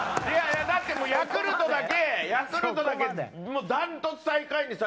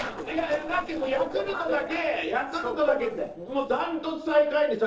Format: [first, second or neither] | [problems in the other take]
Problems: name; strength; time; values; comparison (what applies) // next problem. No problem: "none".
first | noise reduction (neural separator model SepFormer DNS4)